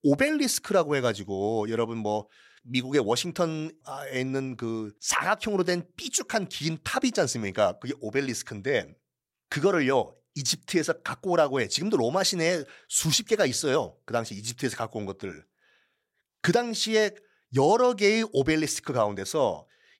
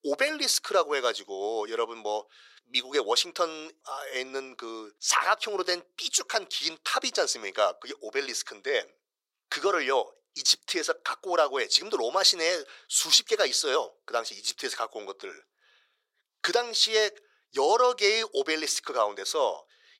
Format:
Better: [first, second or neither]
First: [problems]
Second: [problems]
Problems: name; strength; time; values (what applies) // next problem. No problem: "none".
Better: first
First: none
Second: thin; very; fading below 400 Hz